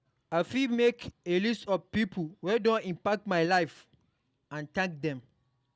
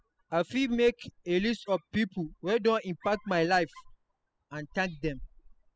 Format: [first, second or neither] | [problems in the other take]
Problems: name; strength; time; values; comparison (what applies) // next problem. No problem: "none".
first | noise reduction (classical method spectral subtraction)